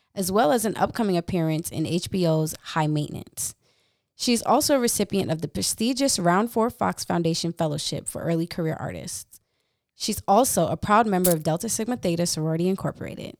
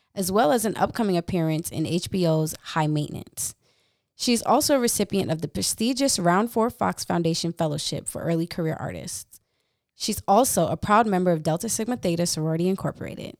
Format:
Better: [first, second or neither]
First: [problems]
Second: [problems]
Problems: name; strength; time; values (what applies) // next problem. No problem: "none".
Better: second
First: jangling keys; noticeable; at 11 s; peak 3 dB below the speech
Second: none